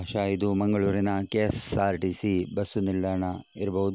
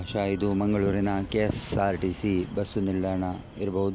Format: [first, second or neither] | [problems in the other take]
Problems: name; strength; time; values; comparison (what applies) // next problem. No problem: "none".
first | background sound (Doorbell + Aircraft); 16 dB below the speech